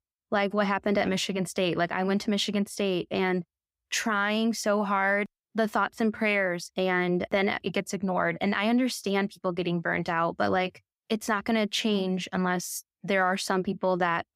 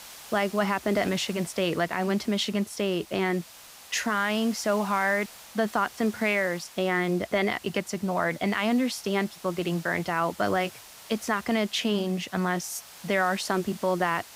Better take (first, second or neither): first